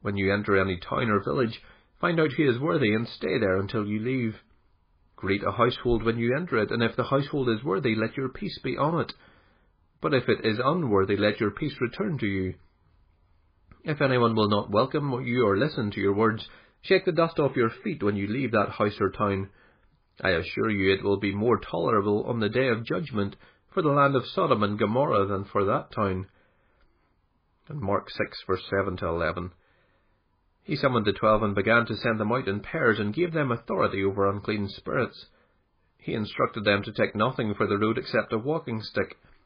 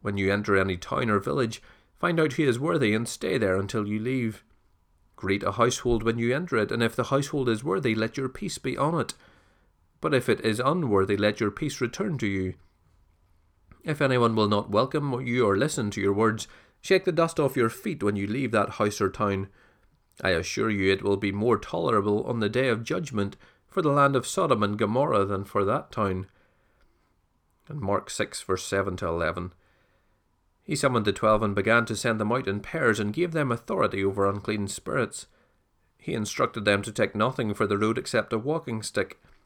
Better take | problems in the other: second | garbled, watery; badly; nothing above 4 kHz

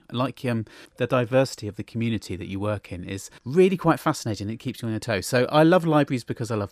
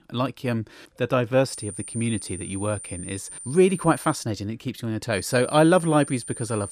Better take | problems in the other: first | high-pitched whine; noticeable; from 1.5 to 4 s and from 5 s on; 9 kHz, 10 dB below the speech

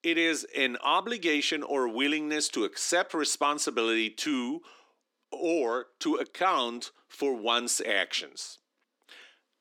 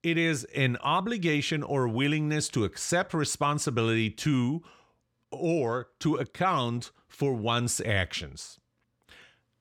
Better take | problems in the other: second | thin; somewhat; fading below 250 Hz

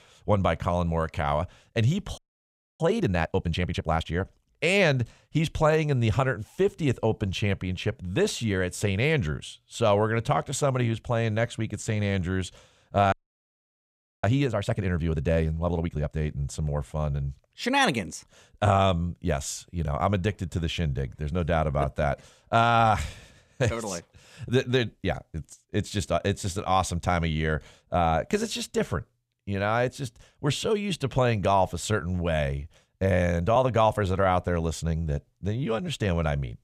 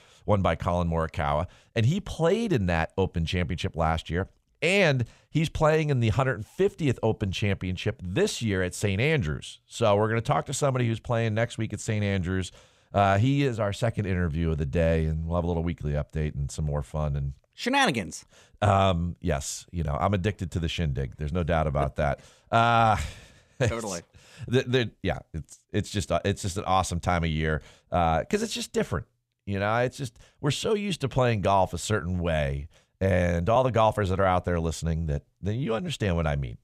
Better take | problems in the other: second | audio freezing; at 2 s for 0.5 s and at 13 s for 1 s

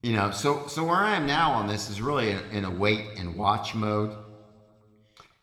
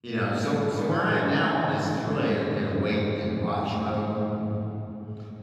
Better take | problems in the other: first | room echo; strong; dies away in 3 s; slight in the first // off-mic speech; far

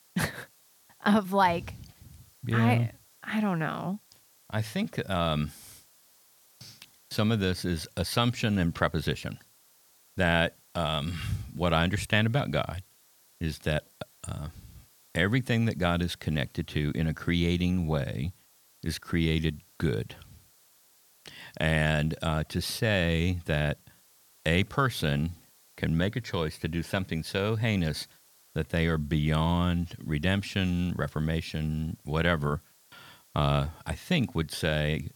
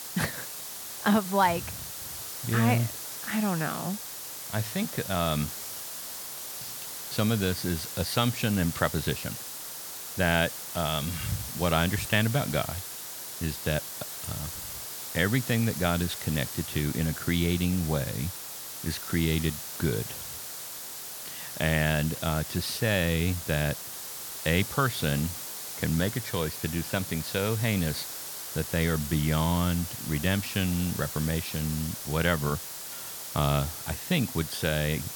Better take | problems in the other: first | hiss; loud; throughout; 7 dB below the speech; faint in the first

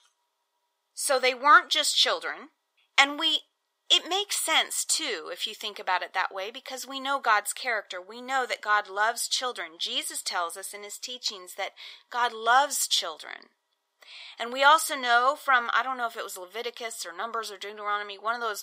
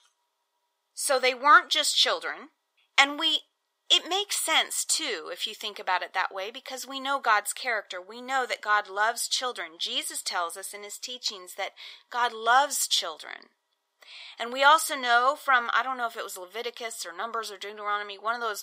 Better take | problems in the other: neither | thin; very; fading below 500 Hz; the same in both

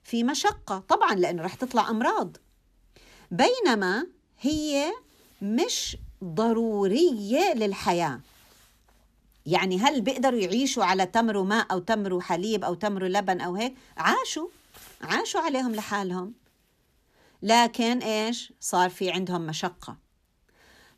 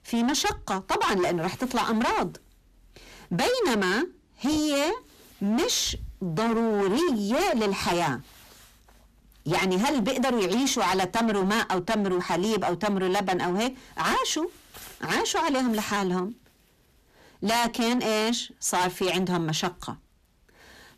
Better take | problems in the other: first | distortion; heavy; 22% of the sound clipped

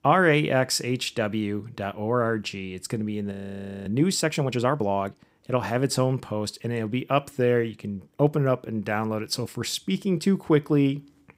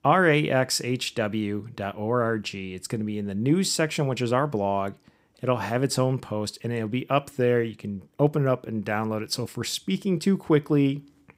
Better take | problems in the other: second | audio freezing; at 3.5 s for 0.5 s

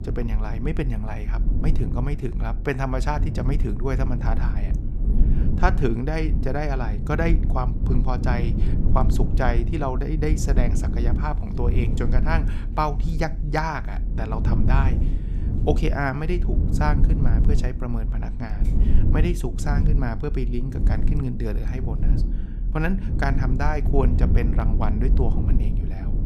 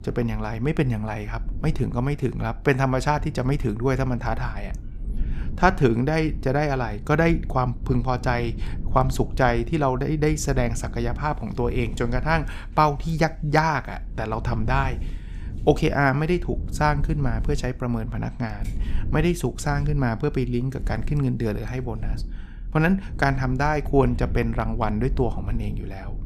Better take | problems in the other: second | low rumble; loud; throughout; 9 dB below the speech; faint in the second

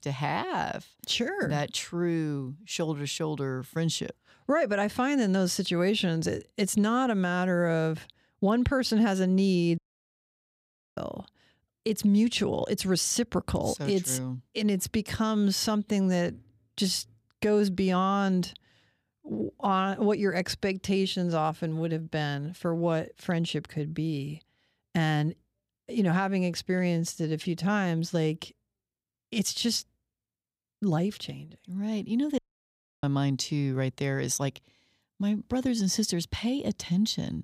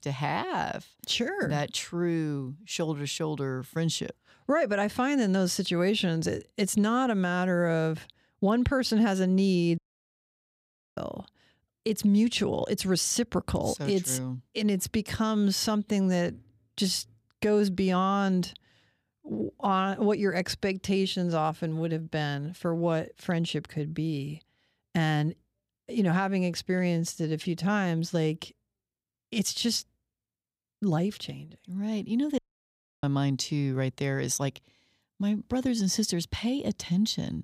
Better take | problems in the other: neither | audio cutting out; at 10 s for 1 s and at 32 s for 0.5 s; the same in both

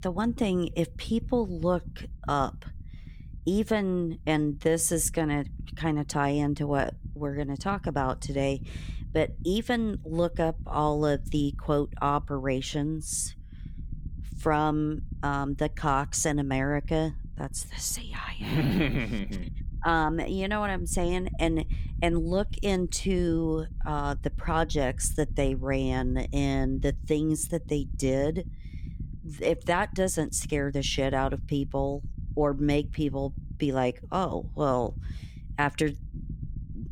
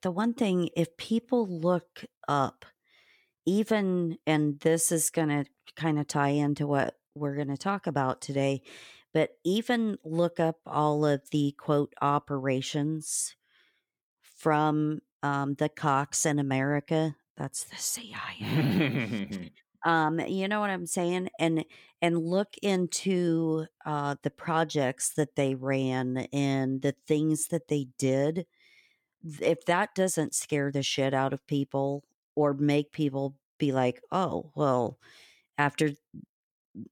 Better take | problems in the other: second | low rumble; faint; throughout; 25 dB below the speech

